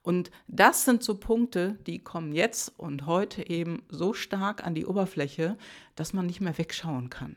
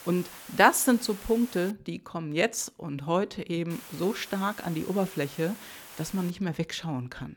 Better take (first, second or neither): first